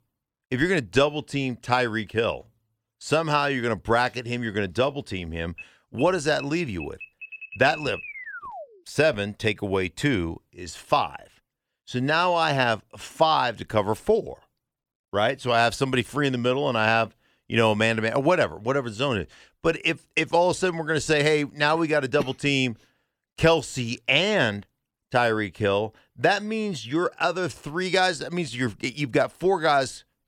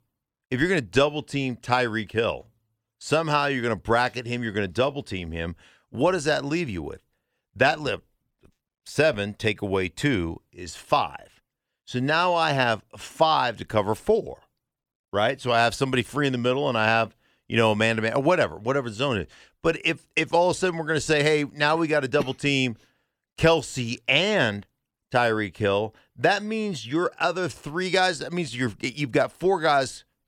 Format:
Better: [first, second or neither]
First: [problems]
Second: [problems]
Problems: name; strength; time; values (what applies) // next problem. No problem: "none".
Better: second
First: alarm; faint; from 5.5 to 9 s; peak 10 dB below the speech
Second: none